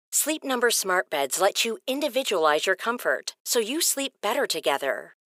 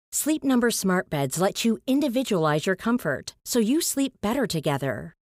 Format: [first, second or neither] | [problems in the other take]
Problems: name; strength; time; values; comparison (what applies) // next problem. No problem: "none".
second | thin; very; fading below 450 Hz